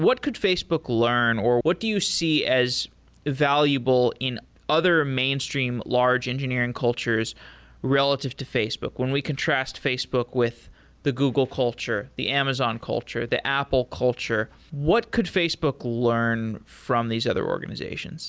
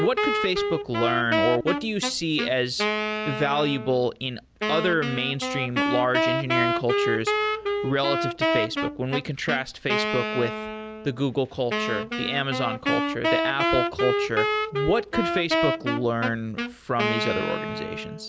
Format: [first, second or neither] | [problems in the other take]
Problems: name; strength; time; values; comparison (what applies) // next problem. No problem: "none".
first | background sound (Wind instrument, woodwind instrument); as loud as the speech